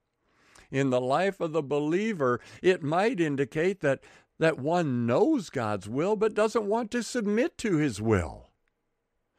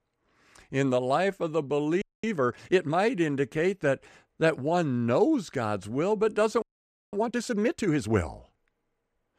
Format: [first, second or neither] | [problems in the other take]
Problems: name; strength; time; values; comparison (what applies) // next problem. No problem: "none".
first | audio freezing; at 2 s and at 6.5 s for 0.5 s